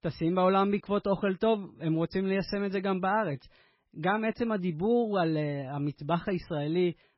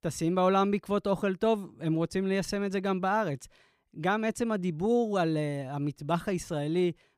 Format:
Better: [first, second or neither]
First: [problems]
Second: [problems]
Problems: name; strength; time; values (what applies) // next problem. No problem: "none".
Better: second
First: garbled, watery; badly; nothing above 5.5 kHz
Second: none